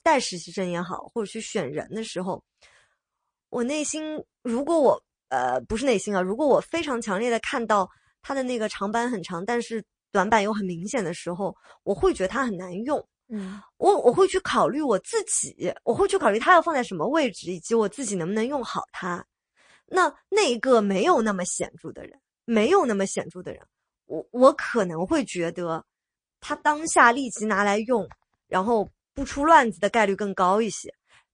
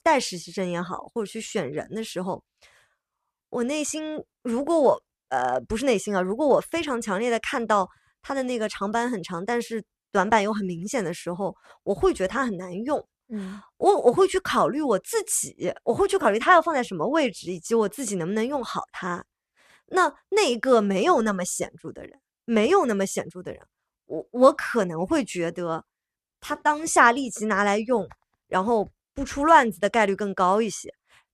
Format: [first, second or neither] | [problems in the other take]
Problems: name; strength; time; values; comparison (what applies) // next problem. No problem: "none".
second | garbled, watery; slightly; nothing above 9 kHz